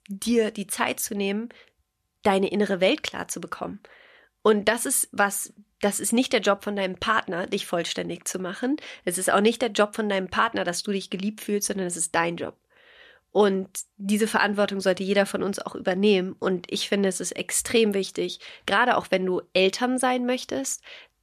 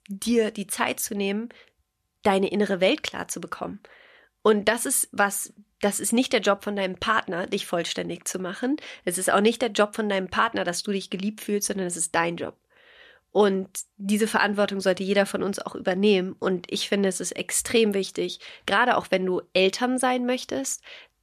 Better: neither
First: none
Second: none

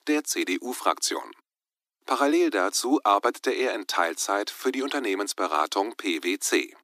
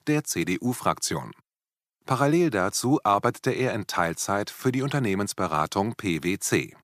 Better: second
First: thin; very slightly; fading below 250 Hz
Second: none

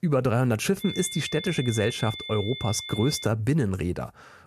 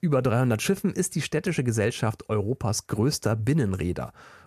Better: second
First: high-pitched whine; loud; from 1 to 3.5 s; 3.5 kHz, 9 dB below the speech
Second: none

